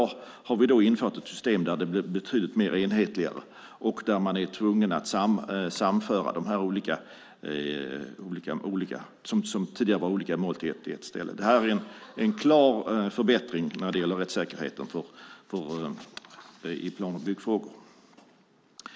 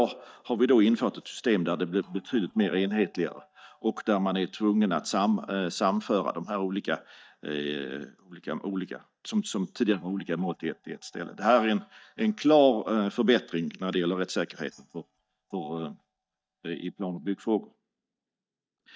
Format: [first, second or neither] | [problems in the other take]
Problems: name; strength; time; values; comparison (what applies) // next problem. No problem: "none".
first | noise reduction (neural mask model DeepFilterNet 3)